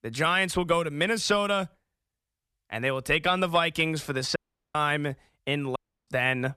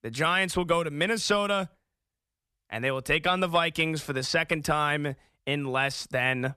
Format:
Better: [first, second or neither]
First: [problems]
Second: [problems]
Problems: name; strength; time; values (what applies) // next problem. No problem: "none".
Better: second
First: audio cutting out; at 4.5 s and at 6 s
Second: none